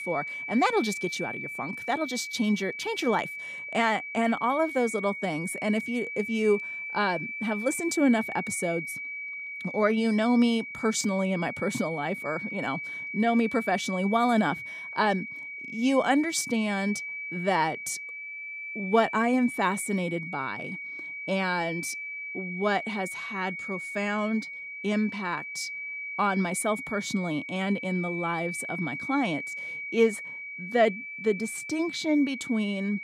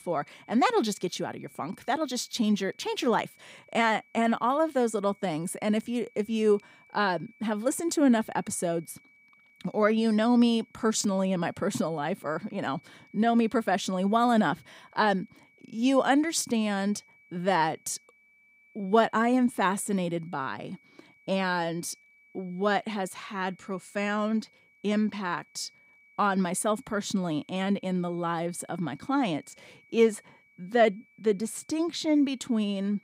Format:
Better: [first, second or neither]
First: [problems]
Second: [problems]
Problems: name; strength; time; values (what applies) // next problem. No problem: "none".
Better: second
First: high-pitched whine; loud; throughout; 2.5 kHz, 7 dB below the speech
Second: high-pitched whine; faint; throughout; 2.5 kHz, 30 dB below the speech